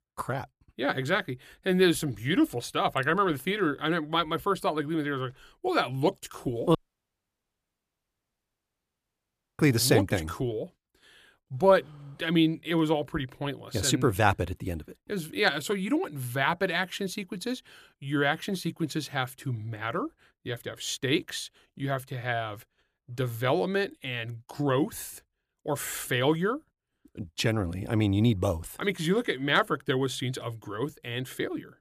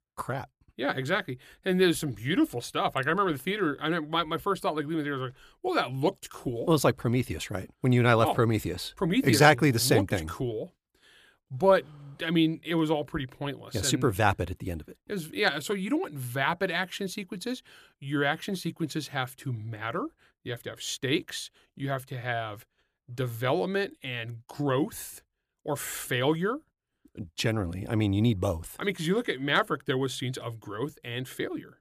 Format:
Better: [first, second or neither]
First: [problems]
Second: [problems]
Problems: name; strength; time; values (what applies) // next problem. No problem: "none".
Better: second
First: audio cutting out; at 7 s for 3 s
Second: none